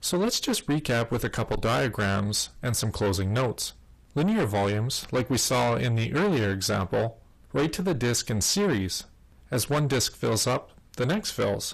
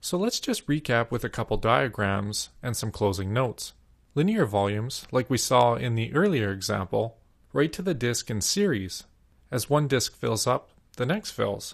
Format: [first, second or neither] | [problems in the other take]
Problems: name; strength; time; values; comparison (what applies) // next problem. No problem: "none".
second | distortion; heavy; 7 dB below the speech